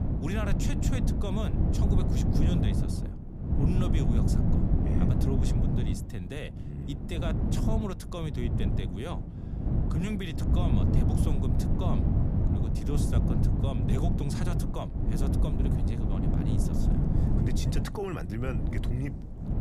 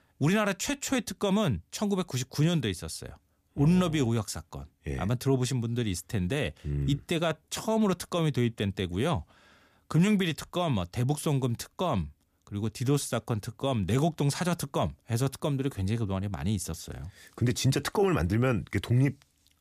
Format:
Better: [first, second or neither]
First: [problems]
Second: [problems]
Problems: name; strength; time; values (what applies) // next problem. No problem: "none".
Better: second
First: wind noise on the microphone; heavy; 1 dB above the speech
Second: none